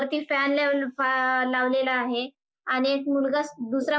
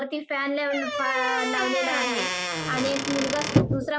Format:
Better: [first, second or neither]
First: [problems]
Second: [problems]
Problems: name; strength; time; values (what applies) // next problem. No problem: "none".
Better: first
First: none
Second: background sound (Squeak / Wood); 1 dB above the speech